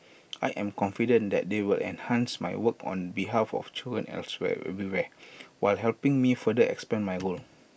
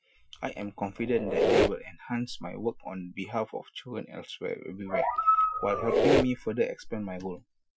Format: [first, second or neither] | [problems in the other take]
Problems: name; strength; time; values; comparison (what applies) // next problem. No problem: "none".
first | noise reduction (classical method Wiener filter)